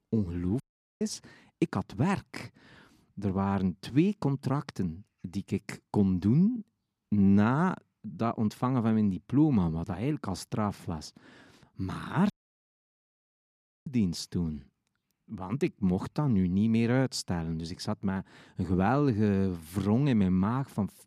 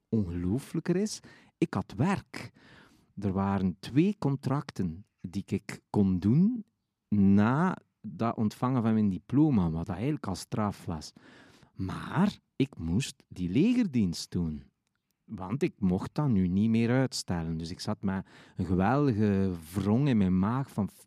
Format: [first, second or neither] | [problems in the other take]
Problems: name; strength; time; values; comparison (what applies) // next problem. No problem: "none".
second | audio cutting out; at 0.5 s and at 12 s for 1.5 s